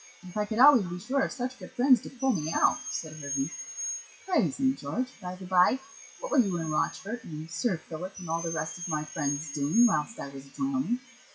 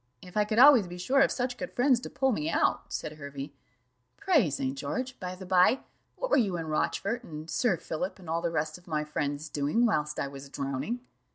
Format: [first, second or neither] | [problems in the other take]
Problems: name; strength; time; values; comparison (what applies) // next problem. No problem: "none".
second | noise reduction (classical method WPE with log-MMSE)